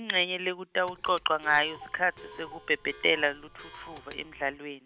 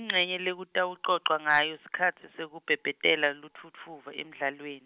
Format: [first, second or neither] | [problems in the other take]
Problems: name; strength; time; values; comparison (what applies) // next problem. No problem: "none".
second | background sound (Clock); 19 dB below the speech